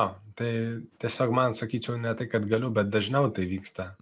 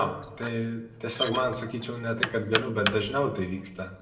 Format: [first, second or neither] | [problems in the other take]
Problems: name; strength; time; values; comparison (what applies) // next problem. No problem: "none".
first | background sound (Knock); 6 dB below the speech // room echo; dies away in 0.7 s